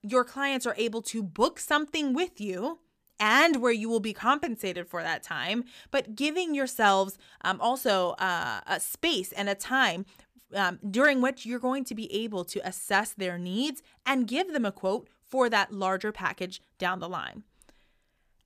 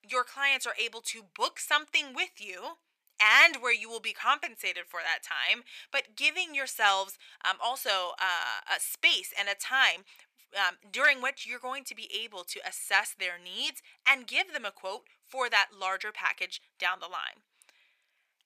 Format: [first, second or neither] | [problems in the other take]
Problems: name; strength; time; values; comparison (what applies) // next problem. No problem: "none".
first | thin; very; fading below 850 Hz